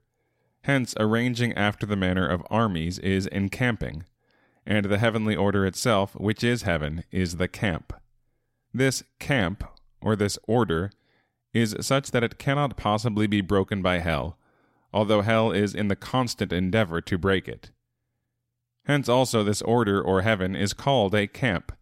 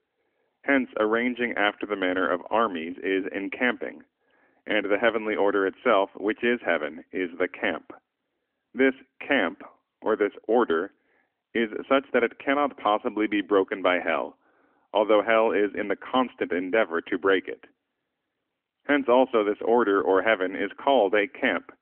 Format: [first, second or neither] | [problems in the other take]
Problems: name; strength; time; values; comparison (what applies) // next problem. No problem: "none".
first | phone-call audio; nothing above 3 kHz